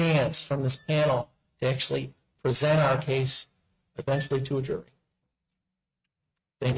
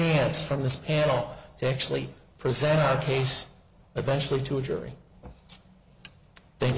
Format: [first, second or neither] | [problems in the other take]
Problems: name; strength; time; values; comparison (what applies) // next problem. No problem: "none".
second | noise reduction (neural mask model RNNoise)